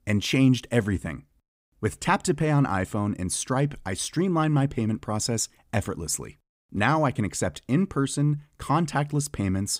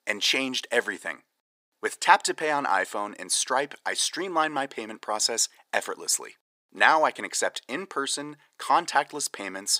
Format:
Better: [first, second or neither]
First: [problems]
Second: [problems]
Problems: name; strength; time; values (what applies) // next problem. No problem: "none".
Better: first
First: none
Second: thin; very; fading below 450 Hz